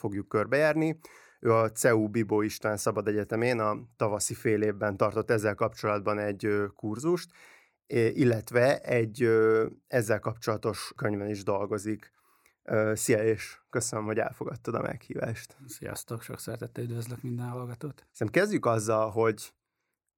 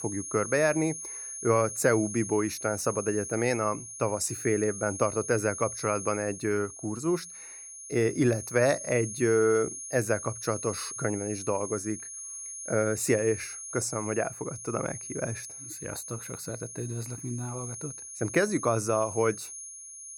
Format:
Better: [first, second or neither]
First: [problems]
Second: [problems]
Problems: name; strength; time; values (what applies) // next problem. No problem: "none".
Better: first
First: none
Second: high-pitched whine; loud; throughout; 6.5 kHz, 8 dB below the speech